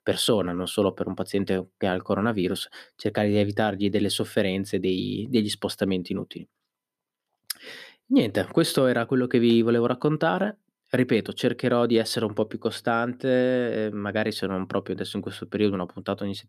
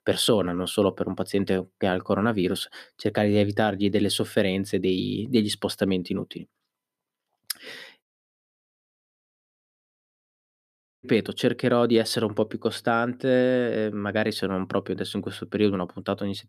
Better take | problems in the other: first | audio cutting out; at 8 s for 3 s

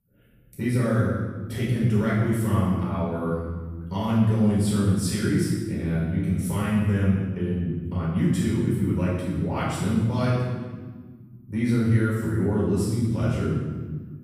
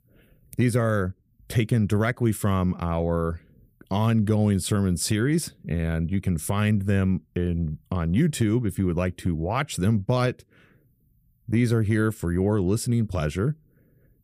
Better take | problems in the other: second | off-mic speech; far // room echo; strong; dies away in 1.4 s

